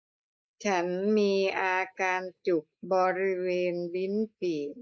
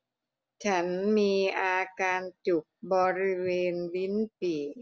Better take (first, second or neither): second